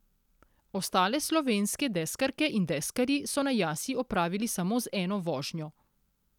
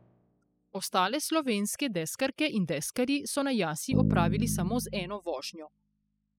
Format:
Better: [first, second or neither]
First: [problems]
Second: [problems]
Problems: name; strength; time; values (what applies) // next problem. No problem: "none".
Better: first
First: none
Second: noise reduction (classical method spectral subtraction)